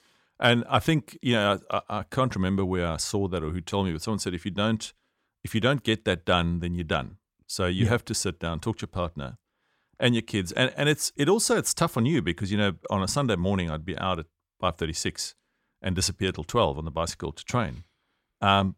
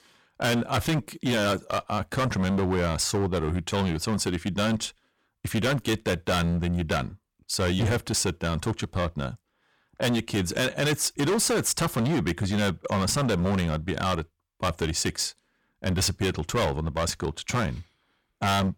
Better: first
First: none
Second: distortion; heavy; 17% of the sound clipped

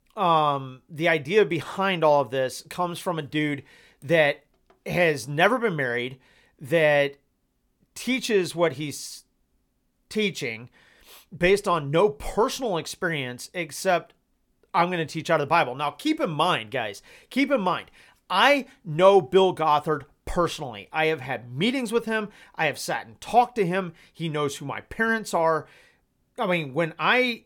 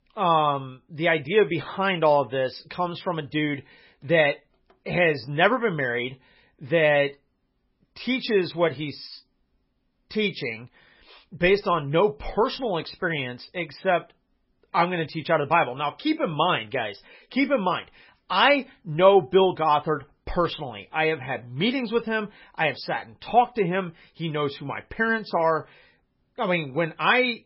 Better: first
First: none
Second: garbled, watery; badly; nothing above 5.5 kHz

